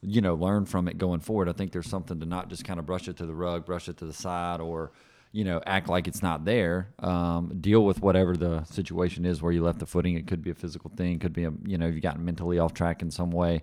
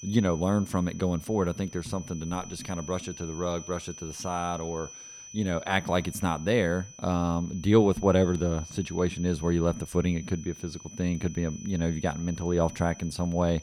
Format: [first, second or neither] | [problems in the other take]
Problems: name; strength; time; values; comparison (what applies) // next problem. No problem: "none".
first | high-pitched whine; noticeable; throughout; 6 kHz, 15 dB below the speech